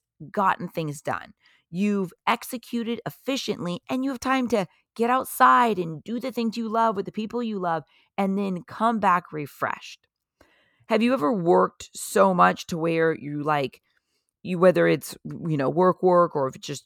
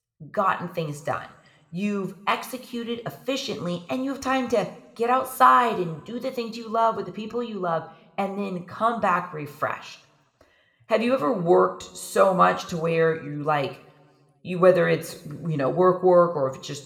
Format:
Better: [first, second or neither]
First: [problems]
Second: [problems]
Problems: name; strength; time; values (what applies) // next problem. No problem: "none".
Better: first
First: none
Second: room echo; slight; dies away in 0.8 s